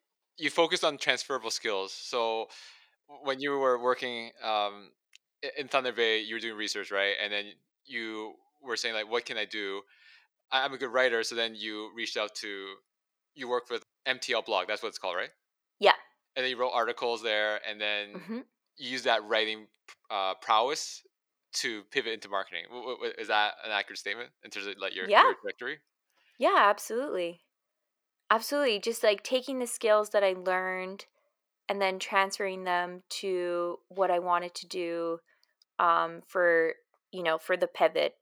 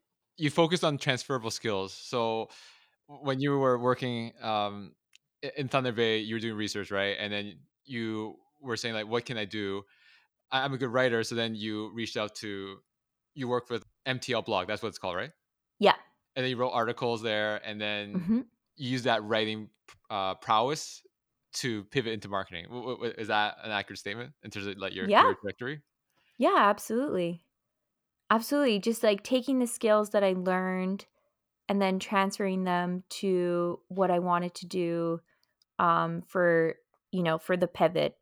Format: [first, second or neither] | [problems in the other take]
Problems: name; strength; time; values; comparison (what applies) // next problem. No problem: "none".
second | thin; somewhat; fading below 450 Hz